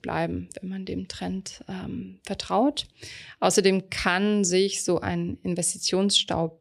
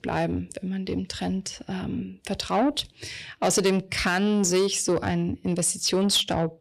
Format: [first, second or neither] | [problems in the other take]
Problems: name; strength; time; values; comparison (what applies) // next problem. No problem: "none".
first | distortion; slight; 10 dB below the speech